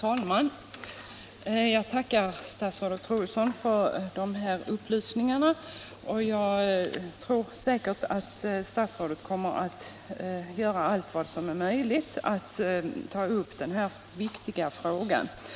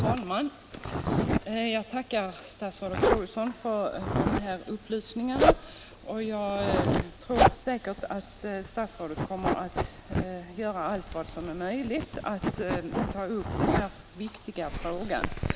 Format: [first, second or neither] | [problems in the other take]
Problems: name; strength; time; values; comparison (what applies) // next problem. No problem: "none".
first | background sound (Zipper (clothing)); 2 dB above the speech